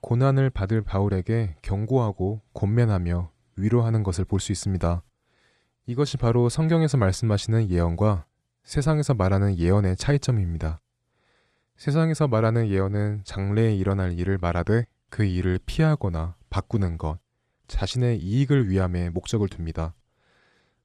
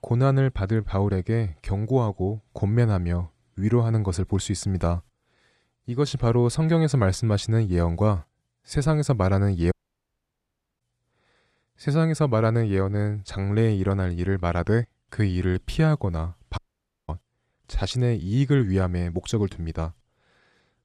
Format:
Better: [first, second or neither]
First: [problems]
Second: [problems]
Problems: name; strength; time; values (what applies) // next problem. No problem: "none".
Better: first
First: none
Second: audio cutting out; at 9.5 s for 1 s and at 17 s for 0.5 s